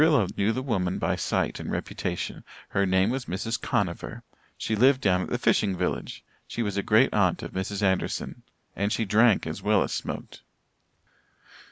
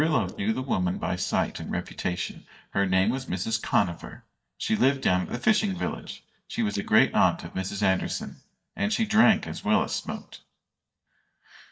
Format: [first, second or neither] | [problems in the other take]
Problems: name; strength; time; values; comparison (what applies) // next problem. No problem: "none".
first | noise reduction (neural mask model DeepFilterNet 3)